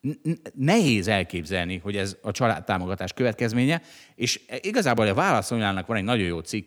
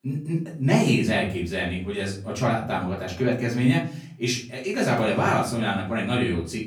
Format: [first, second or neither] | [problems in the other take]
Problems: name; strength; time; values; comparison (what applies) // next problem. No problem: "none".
first | off-mic speech; far // room echo; slight; dies away in 0.4 s